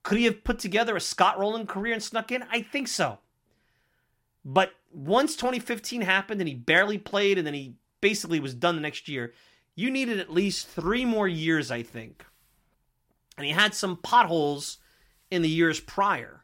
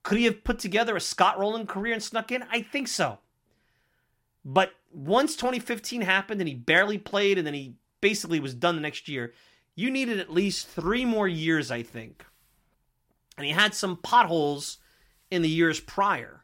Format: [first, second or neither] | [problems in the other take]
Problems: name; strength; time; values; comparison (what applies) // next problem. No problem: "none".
neither | none